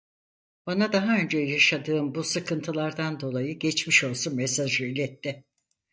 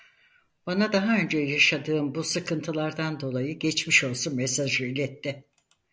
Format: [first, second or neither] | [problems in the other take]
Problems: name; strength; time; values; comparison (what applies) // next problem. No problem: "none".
second | noise reduction (neural mask model DeepFilterNet 3)